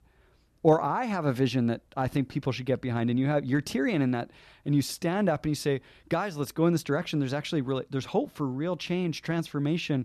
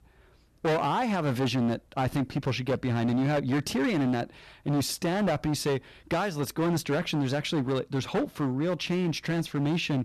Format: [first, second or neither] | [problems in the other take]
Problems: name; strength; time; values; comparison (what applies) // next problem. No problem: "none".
first | distortion; heavy; 17% of the sound clipped